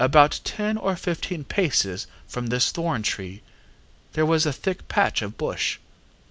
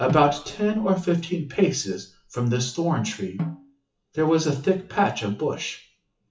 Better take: first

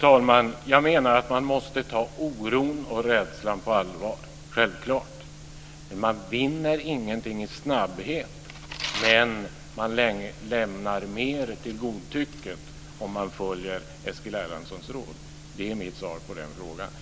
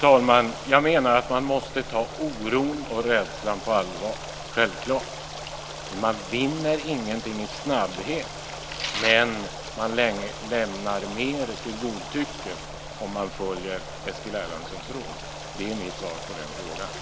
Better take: first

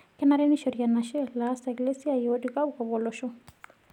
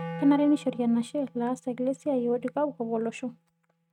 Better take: first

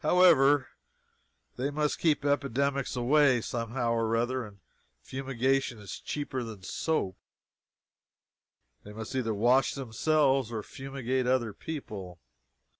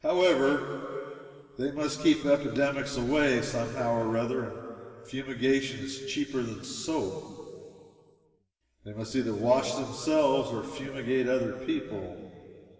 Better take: first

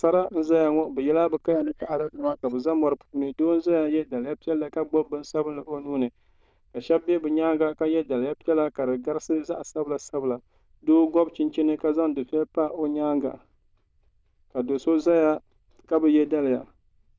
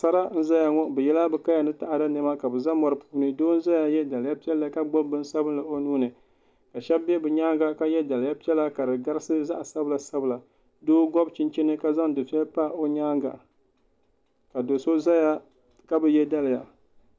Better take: second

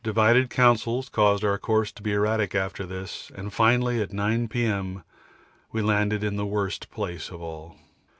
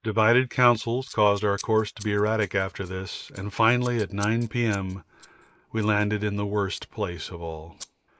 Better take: first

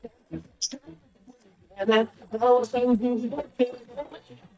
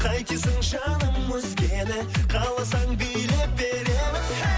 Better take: second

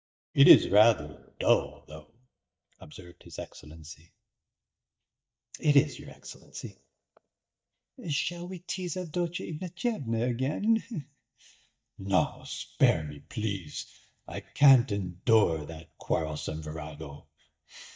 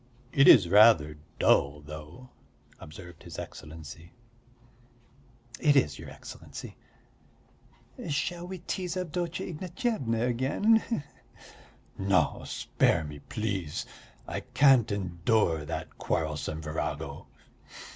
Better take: second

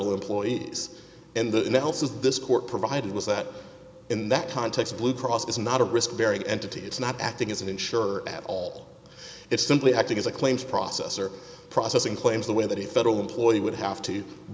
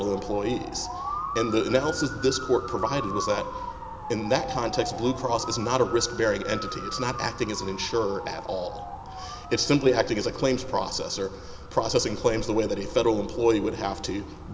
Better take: first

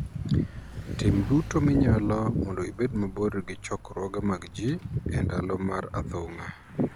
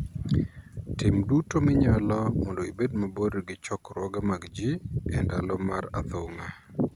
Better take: second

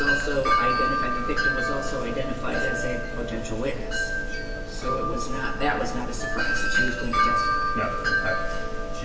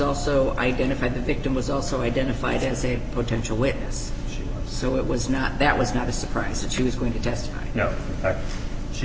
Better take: second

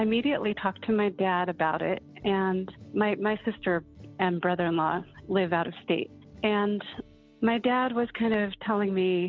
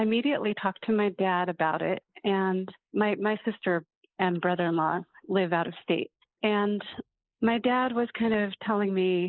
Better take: first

